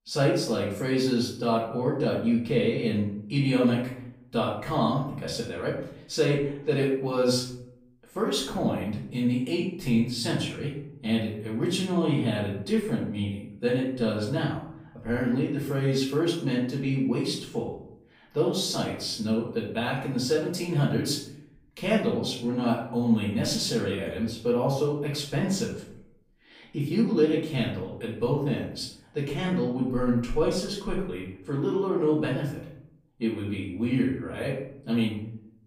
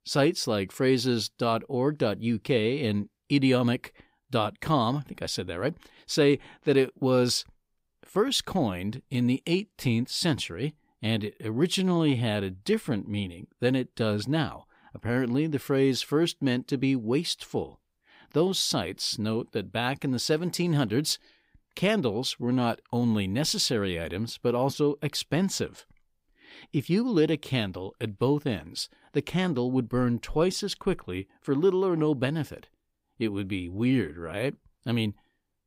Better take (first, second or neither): second